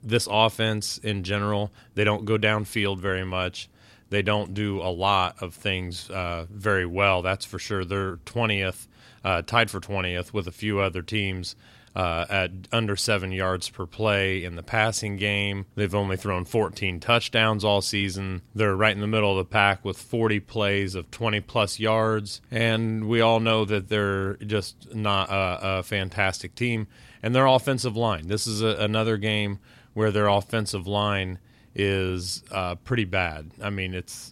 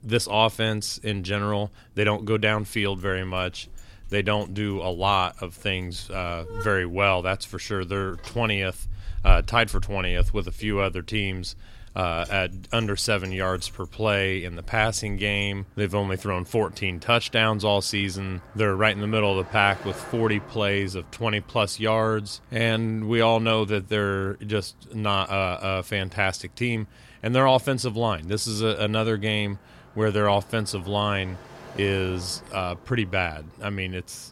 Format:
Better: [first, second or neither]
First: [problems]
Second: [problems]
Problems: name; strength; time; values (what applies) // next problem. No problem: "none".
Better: first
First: none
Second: traffic noise; noticeable; throughout; 15 dB below the speech